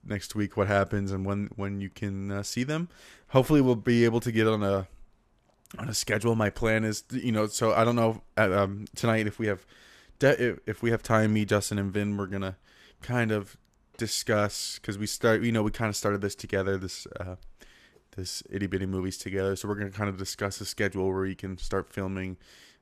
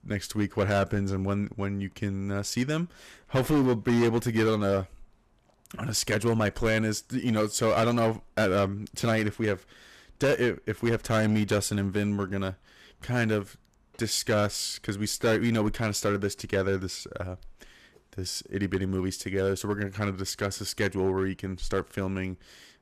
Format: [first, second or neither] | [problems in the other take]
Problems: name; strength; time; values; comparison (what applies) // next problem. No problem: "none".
first | distortion; slight; 5% of the sound clipped